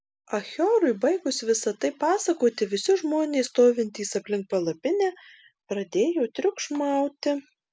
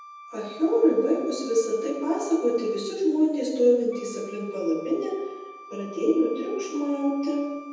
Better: first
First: none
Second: background sound (Wind instrument, woodwind instrument); 19 dB below the speech // room echo; dies away in 1.1 s

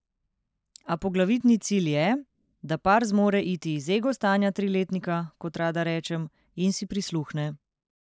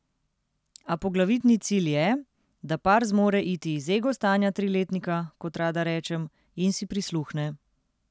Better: second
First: noise reduction (neural mask model Resemble Enhance denoiser)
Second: none

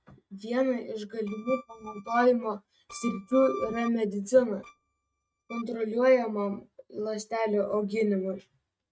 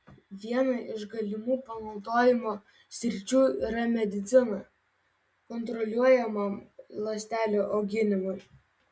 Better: second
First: noise reduction (neural mask model RNNoise)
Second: none

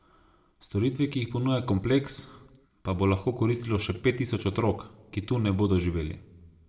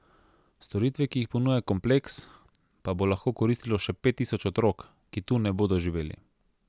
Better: second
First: room echo; dies away in 0.5 s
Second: none

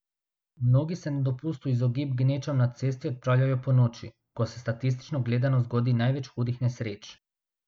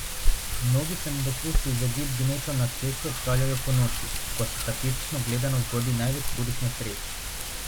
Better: first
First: none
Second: background sound (Wind); as loud as the speech

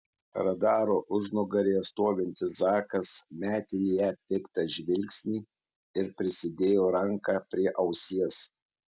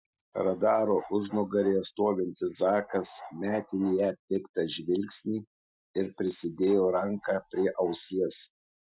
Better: first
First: none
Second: noise reduction (classical method Wiener filter)

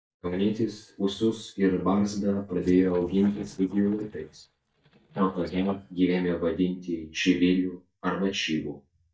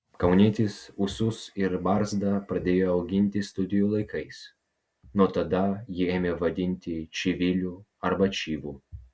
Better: second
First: noise reduction (neural mask model DeepFilterNet 3)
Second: none

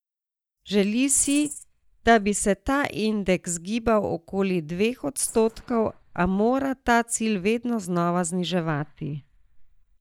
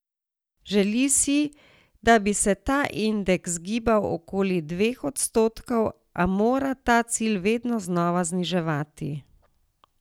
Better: second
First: noise reduction (neural mask model DeepFilterNet 3)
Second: none

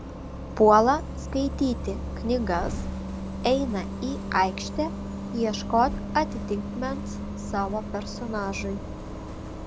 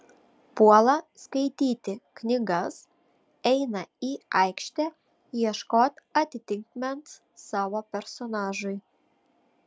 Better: second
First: background sound (Bus); 6 dB below the speech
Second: none

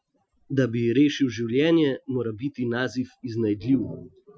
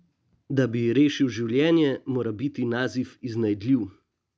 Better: second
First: noise reduction (classical method Wiener filter)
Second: none

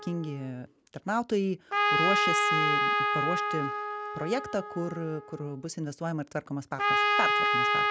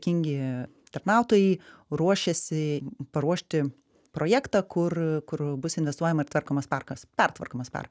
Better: second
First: background sound (Trumpet); 4 dB above the speech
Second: none

